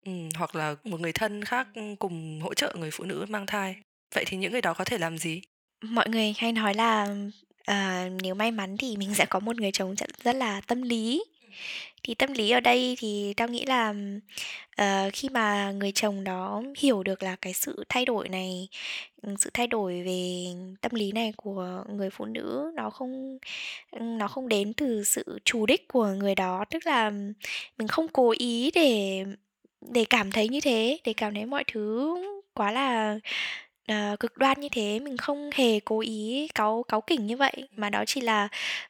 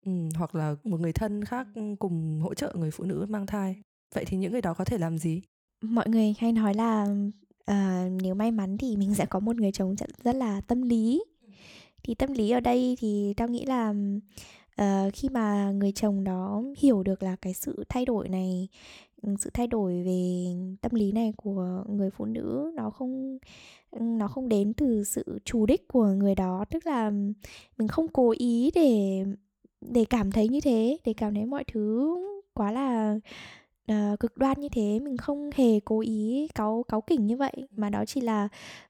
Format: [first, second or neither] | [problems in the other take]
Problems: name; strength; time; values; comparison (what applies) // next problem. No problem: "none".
second | thin; somewhat; fading below 800 Hz